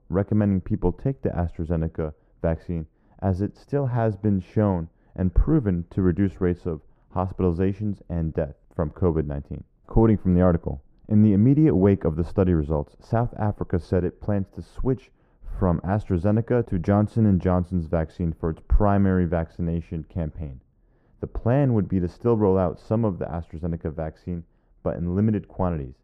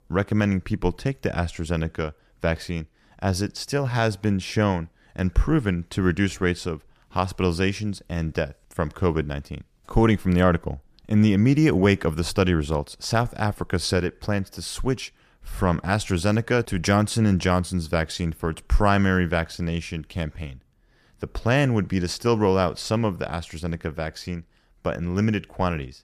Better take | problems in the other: second | muffled; very; fading above 2 kHz

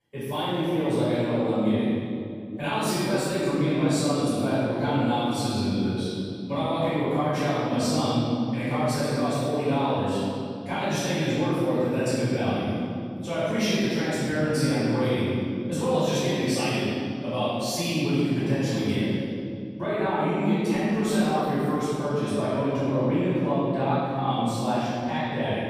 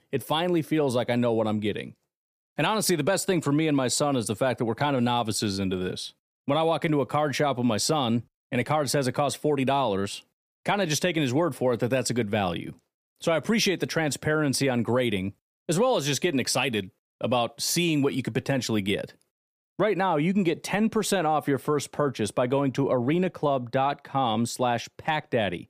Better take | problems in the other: second | off-mic speech; far // room echo; strong; dies away in 2.9 s

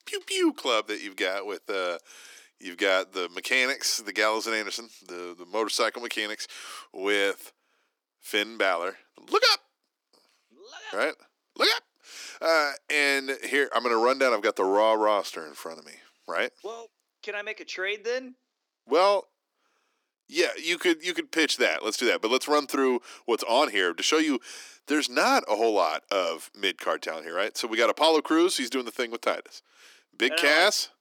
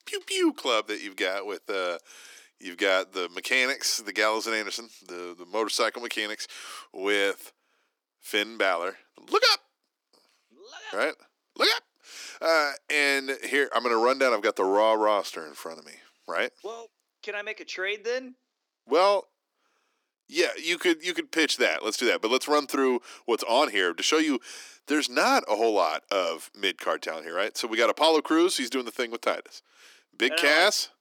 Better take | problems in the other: neither | thin; somewhat; fading below 300 Hz; the same in both

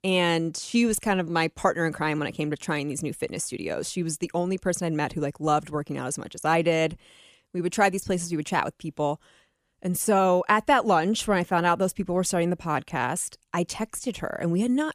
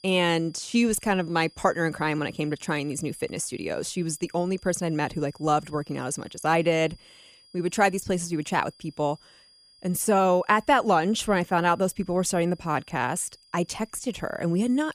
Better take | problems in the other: first | high-pitched whine; faint; throughout; 5 kHz, 30 dB below the speech

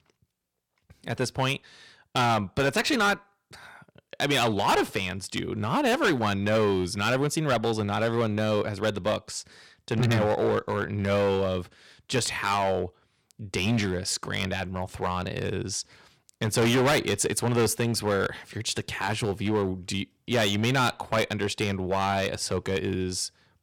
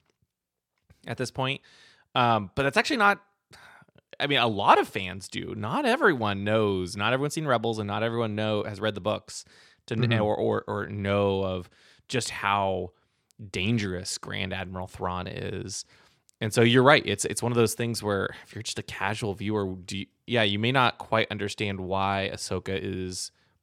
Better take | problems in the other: second | distortion; heavy; 8% of the sound clipped

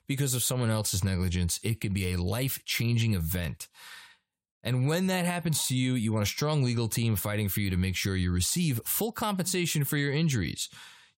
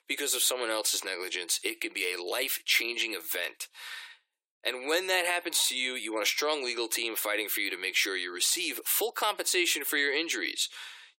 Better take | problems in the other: first | thin; very; fading below 300 Hz

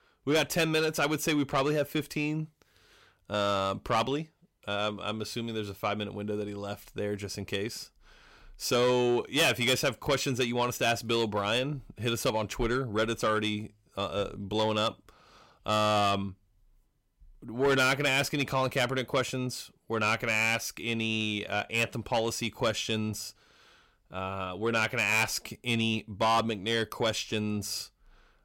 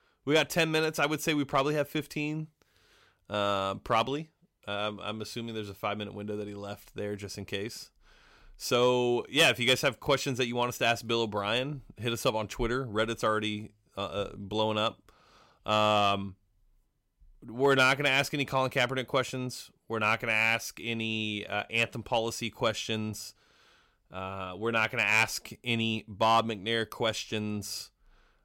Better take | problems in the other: second | distortion; slight; 10 dB below the speech

